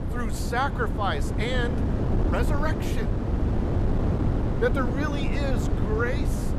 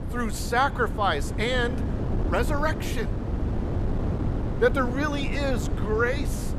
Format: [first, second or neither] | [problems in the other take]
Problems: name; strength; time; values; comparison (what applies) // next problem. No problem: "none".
second | wind noise on the microphone; heavy; 5 dB below the speech; occasional gusts in the second